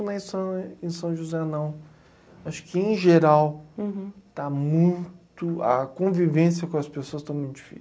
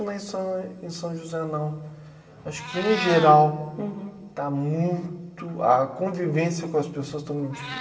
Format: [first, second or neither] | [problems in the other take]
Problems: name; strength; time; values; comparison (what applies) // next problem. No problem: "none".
first | background sound (Meow); 15 dB below the speech // room echo; dies away in 1.9 s